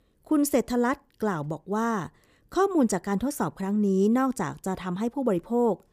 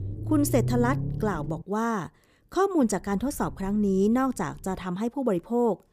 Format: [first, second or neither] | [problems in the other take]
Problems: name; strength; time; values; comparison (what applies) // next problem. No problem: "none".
first | low rumble; noticeable; until 1.5 s and from 3 to 5 s; 10 dB below the speech